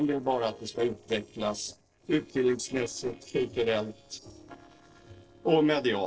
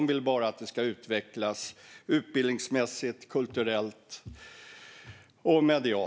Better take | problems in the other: second | noise reduction (neural separator model SepFormer DNS4)

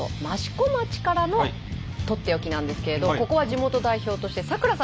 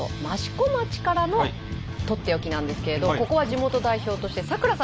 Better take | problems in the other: first | background sound (Scratching (performance technique)); 18 dB below the speech

